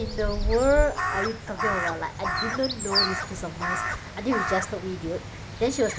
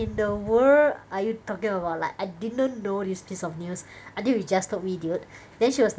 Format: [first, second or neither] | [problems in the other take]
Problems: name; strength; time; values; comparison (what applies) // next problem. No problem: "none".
second | background sound (Crow); 1 dB below the speech